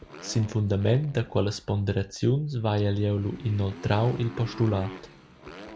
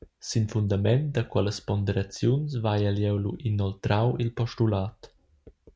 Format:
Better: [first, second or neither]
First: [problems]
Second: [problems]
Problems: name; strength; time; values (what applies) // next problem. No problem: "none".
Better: second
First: background sound (Motorcycle); 18 dB below the speech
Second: none